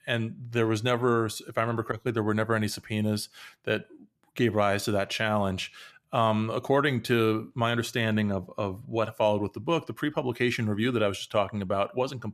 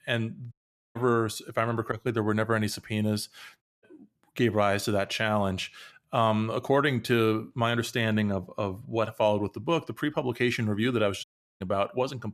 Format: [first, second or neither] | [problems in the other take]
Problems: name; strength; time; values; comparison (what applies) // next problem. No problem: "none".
first | audio cutting out; at 0.5 s, at 3.5 s and at 11 s